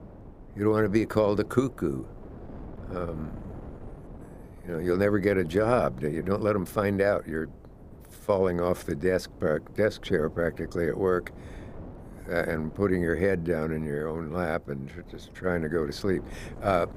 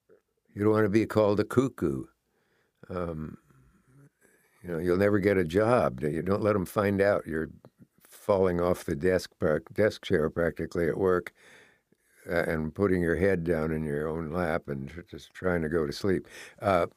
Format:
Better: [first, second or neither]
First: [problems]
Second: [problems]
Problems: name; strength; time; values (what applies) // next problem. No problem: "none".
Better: second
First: wind noise on the microphone; occasional gusts; 20 dB below the speech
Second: none